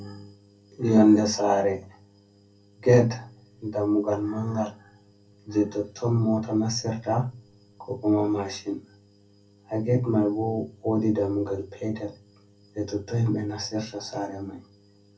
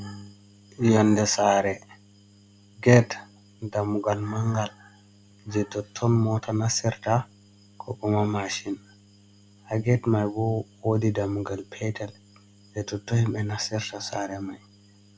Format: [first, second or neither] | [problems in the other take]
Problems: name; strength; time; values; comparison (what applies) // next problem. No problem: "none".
second | room echo; dies away in 0.3 s